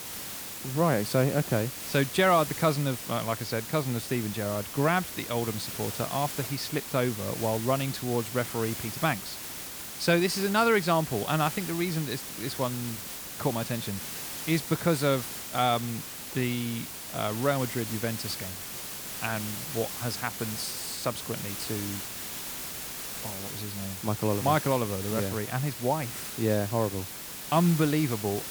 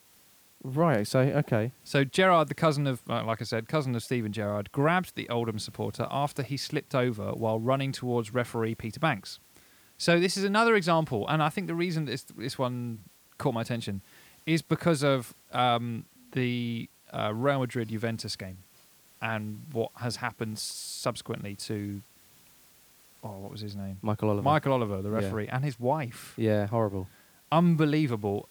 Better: second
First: hiss; loud; throughout; 6 dB below the speech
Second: hiss; faint; throughout; 30 dB below the speech

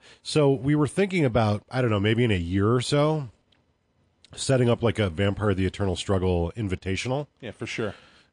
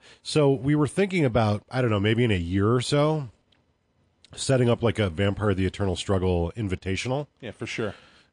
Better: neither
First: garbled, watery; slightly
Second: garbled, watery; slightly

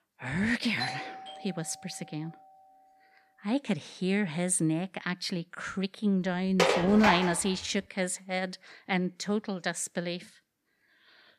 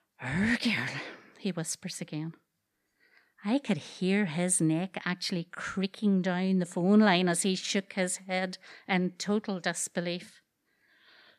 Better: second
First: doorbell; noticeable; at 1 s; peak 6 dB below the speech // clattering dishes; loud; at 6.5 s; peak 4 dB above the speech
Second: none

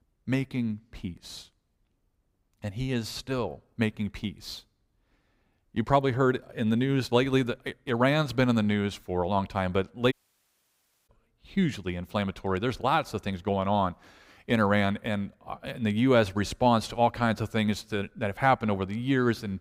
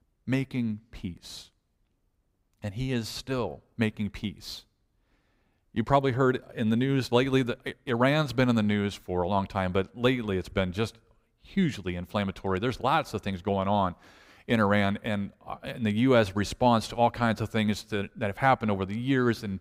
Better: second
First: audio cutting out; at 10 s for 1 s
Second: none

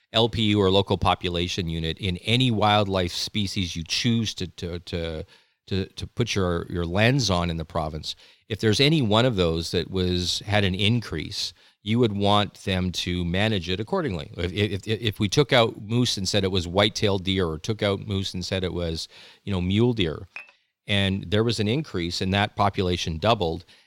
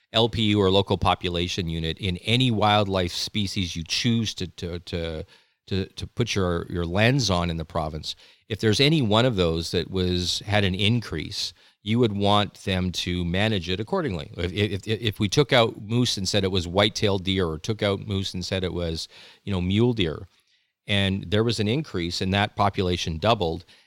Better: second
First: clattering dishes; faint; at 20 s; peak 15 dB below the speech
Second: none

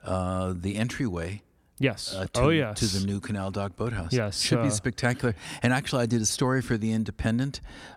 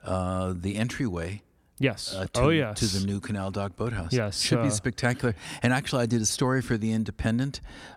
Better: neither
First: none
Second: none

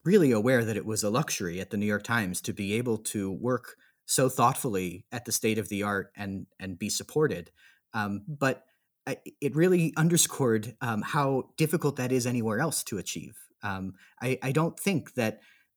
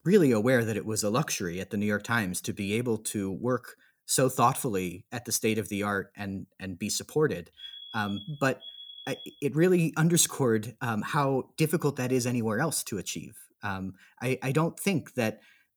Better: first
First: none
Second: alarm; faint; from 7.5 to 9.5 s; peak 15 dB below the speech

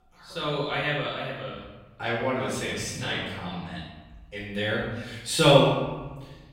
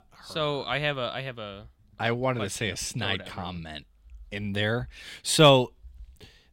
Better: second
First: off-mic speech; far // room echo; noticeable; dies away in 0.9 s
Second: none

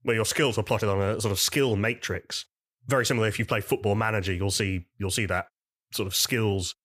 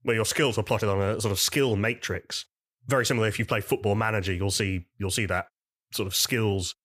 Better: neither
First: none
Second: none

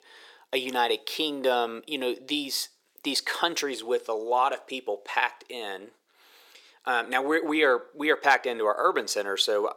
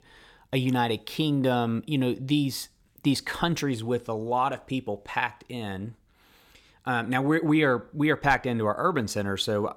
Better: second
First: thin; somewhat; fading below 400 Hz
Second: none

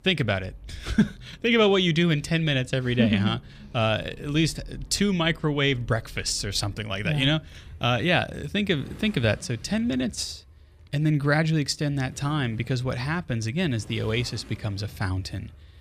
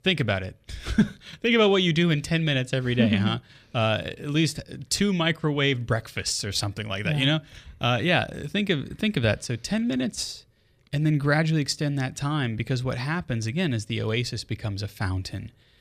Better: second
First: traffic noise; faint; throughout; 20 dB below the speech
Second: none

